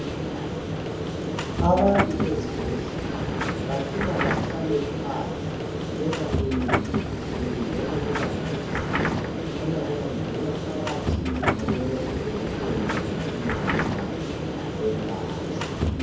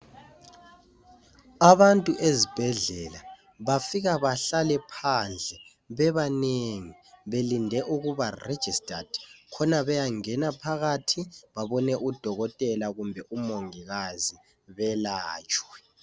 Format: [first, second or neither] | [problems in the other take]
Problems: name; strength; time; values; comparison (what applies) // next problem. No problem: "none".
second | background sound (Subway, metro, underground); 4 dB above the speech // room echo; dies away in 0.8 s